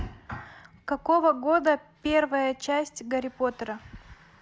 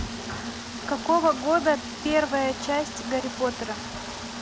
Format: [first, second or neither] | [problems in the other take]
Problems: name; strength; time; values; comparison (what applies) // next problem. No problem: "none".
first | background sound (Engine + Rain); 8 dB below the speech